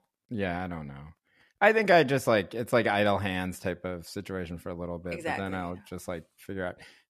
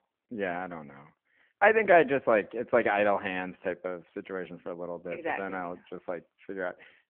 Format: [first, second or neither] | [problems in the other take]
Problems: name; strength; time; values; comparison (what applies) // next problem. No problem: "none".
first | phone-call audio